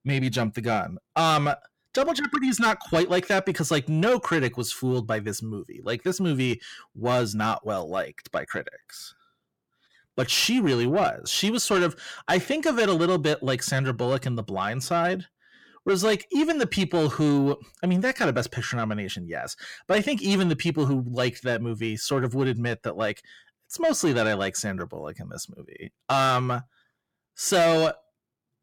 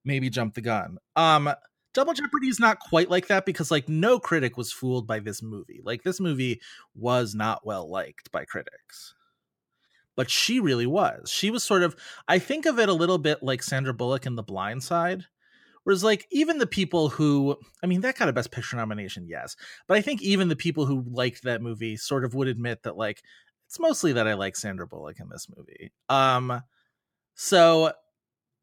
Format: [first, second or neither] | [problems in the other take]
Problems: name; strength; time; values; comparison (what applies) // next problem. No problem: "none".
second | distortion; slight; 10 dB below the speech